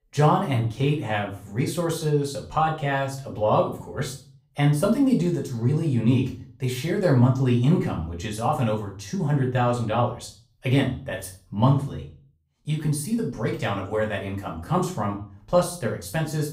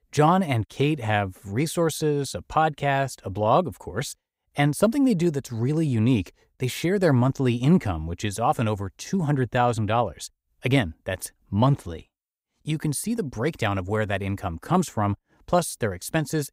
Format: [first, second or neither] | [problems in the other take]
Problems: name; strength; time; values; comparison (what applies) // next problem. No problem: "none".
second | room echo; slight; dies away in 0.4 s // off-mic speech; far